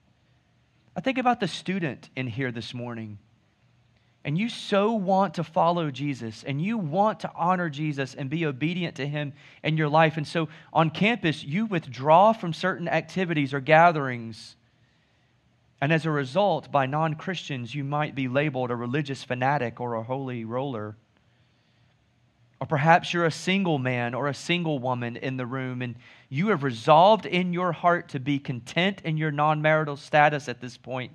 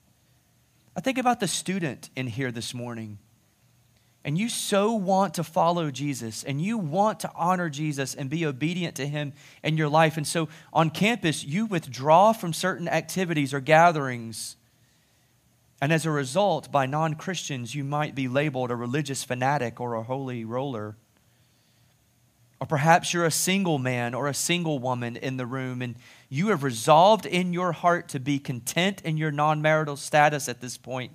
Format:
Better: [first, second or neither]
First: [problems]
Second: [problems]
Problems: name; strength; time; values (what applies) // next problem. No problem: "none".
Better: second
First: muffled; slightly; fading above 3 kHz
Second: none